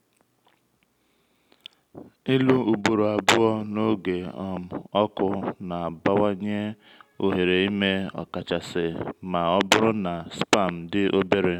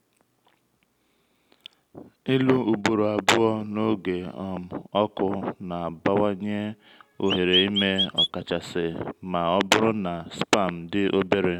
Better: first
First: none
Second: background sound (Chirp, tweet); as loud as the speech

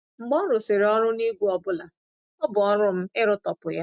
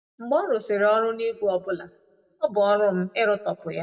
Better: first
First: none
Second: room echo; dies away in 0.6 s

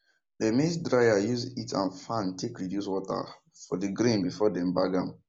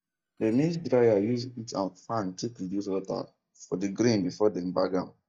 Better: first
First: none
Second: noise reduction (neural mask model DeepFilterNet 3)

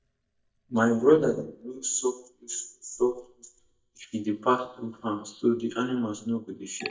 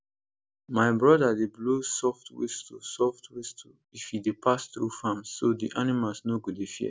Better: second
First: noise reduction (neural mask model DeepFilterNet 3)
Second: none

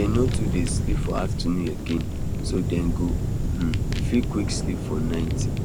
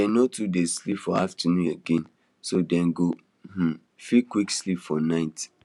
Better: second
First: background sound (Fire); 4 dB above the speech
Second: none

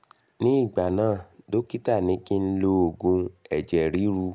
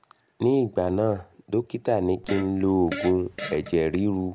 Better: first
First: none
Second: background sound (Fart); 12 dB below the speech

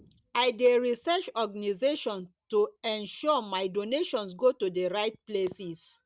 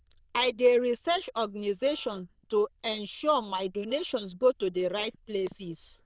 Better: first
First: none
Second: noise reduction (neural diffusion model UNIVERSE++)

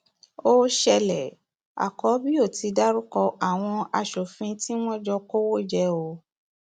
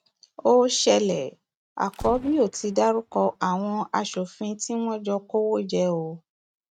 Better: first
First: none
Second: noise reduction (neural mask model RNNoise)

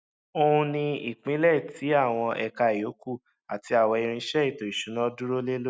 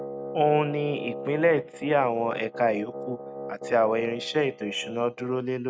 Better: first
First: none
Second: noise reduction (neural mask model RNNoise)

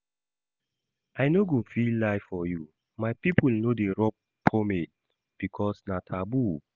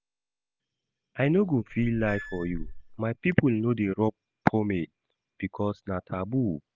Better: first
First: none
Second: background sound (Squeak / Screech); 10 dB below the speech

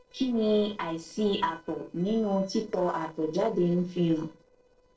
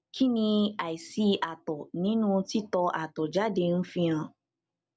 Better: second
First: noise reduction (neural separator model SepFormer DNS4)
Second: none

